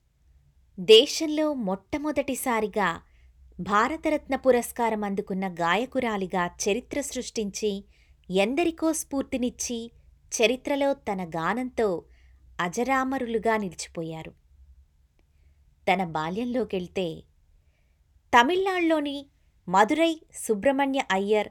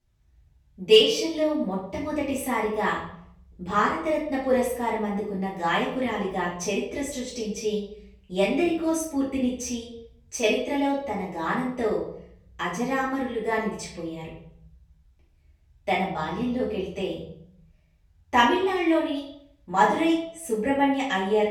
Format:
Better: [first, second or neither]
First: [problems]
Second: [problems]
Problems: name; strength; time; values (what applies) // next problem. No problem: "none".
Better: first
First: none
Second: off-mic speech; far // room echo; noticeable; dies away in 0.6 s